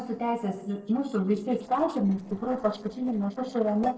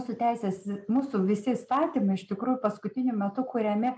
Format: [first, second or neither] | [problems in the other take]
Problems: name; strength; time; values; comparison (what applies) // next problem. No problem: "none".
second | noise reduction (neural separator model SepFormer DNS4)